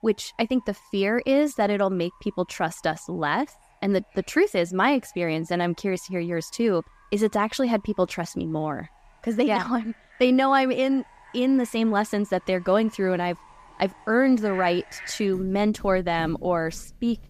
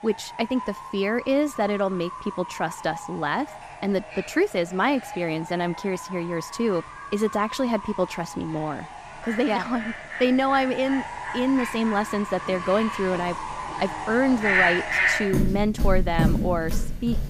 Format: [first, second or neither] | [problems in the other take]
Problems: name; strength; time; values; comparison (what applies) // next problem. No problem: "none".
first | animal sounds; loud; throughout; 4 dB below the speech; faint in the first